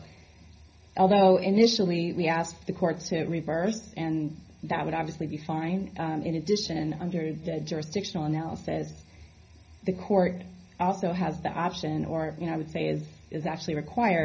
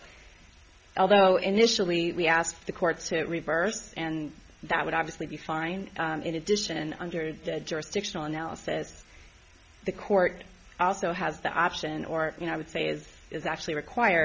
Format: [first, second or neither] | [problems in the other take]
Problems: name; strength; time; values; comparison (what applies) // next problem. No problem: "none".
second | room echo; dies away in 0.4 s